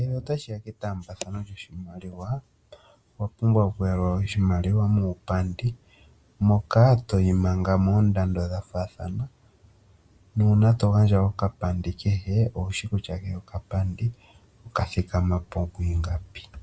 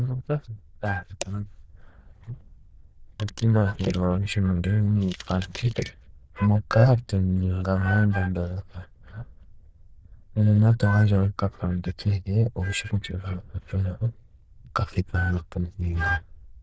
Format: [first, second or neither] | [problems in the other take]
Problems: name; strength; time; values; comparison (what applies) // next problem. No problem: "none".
first | noise reduction (neural diffusion model UNIVERSE++)